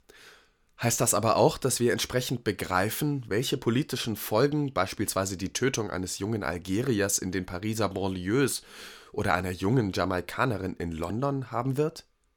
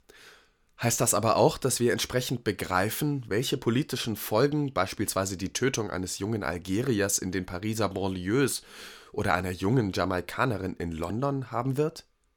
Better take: neither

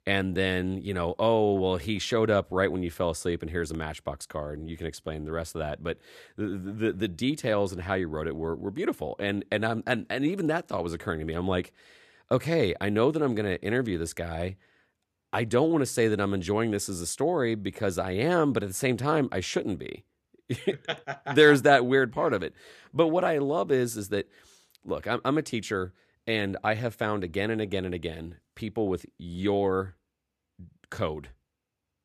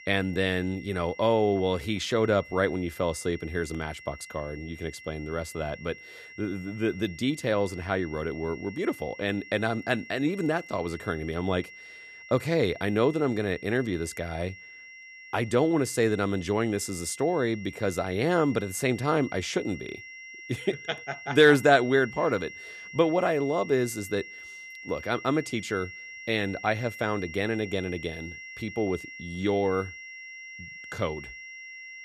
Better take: first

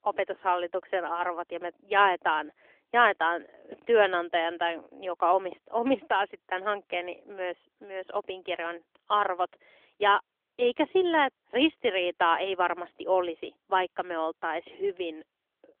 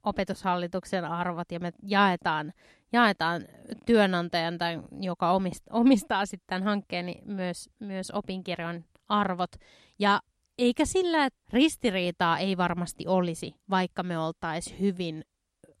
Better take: second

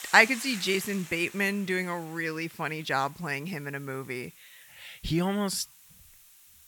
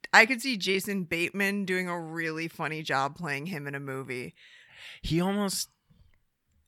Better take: second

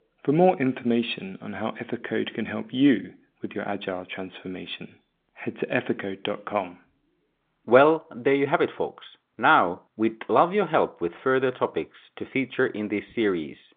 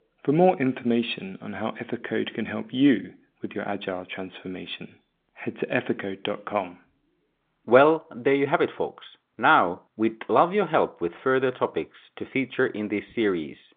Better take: neither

